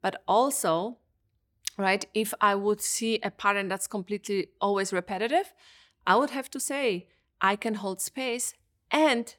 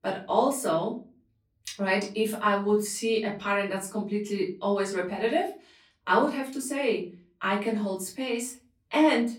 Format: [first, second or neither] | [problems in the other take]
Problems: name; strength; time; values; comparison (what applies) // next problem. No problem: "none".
first | off-mic speech; far // room echo; slight; dies away in 0.3 s